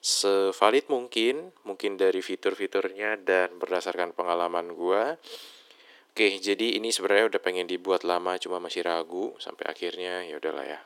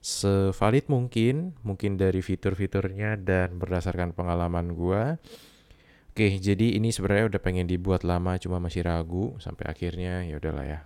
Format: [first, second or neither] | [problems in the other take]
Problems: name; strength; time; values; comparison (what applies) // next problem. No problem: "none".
second | thin; very; fading below 350 Hz